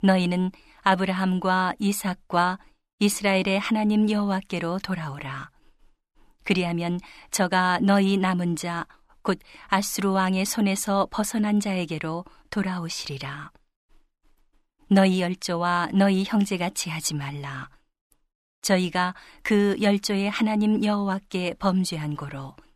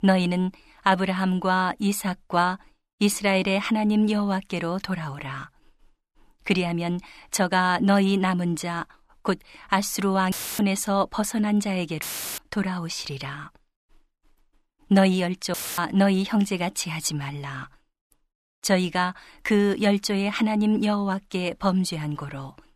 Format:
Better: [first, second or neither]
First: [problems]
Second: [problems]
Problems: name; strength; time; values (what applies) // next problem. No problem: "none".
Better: first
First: none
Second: audio cutting out; filled with static; at 10 s, at 12 s and at 16 s